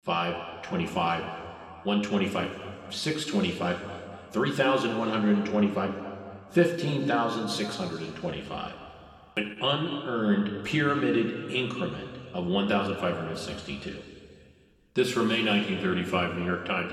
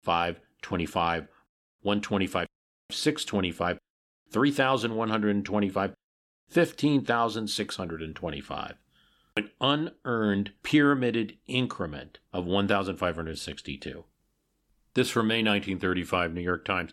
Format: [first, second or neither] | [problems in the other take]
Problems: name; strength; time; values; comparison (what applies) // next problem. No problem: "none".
second | room echo; noticeable; dies away in 2.2 s // off-mic speech; somewhat distant